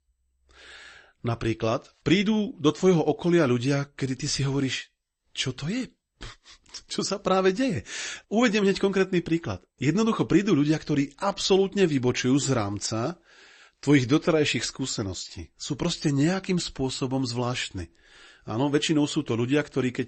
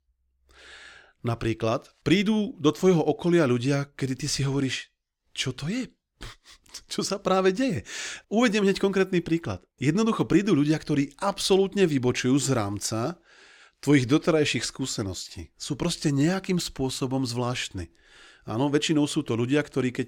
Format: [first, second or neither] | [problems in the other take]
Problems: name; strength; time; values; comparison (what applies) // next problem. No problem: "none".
second | garbled, watery; slightly; nothing above 8 kHz